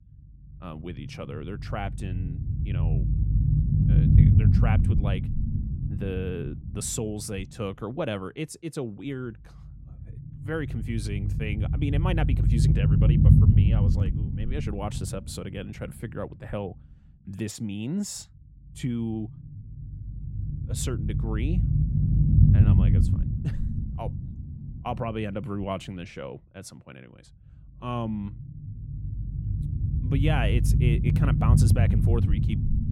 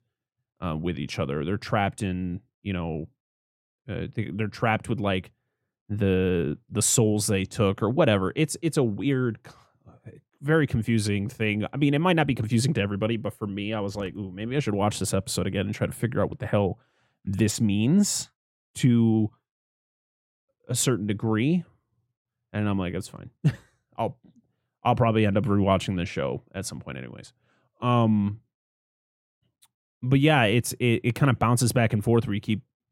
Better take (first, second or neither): second